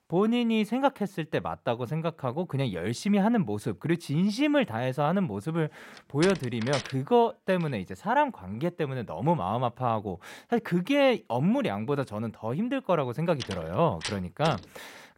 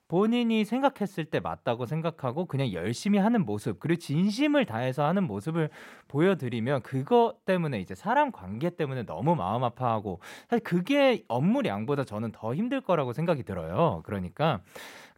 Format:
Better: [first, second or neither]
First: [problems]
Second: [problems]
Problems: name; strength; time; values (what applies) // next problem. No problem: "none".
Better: second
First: door banging; noticeable; from 6 to 15 s; peak 8 dB below the speech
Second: none